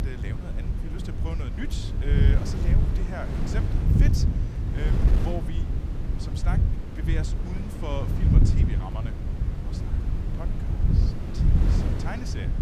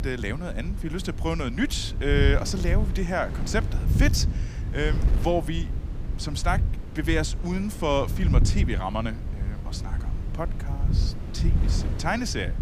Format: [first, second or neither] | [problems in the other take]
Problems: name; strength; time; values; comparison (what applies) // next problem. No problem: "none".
second | wind noise on the microphone; heavy; 1 dB above the speech; occasional gusts in the second